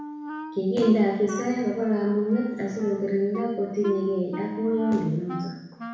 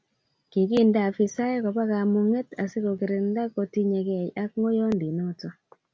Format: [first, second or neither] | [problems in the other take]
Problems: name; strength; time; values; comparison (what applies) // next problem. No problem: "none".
second | background sound (Wind instrument, woodwind instrument); 12 dB below the speech // room echo; dies away in 1 s